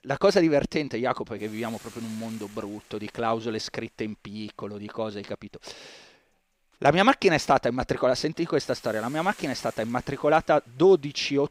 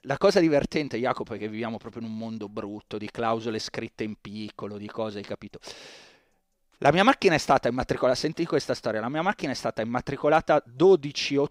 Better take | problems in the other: second | hiss; faint; throughout; 25 dB below the speech

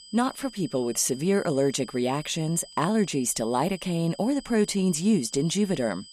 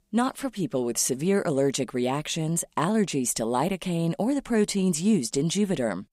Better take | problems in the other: second | high-pitched whine; noticeable; throughout; 5 kHz, 20 dB below the speech

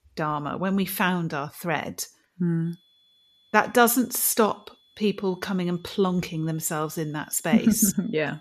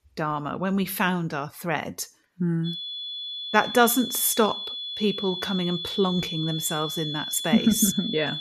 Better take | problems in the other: first | high-pitched whine; loud; from 2.5 s on; 3.5 kHz, 6 dB below the speech; faint in the first

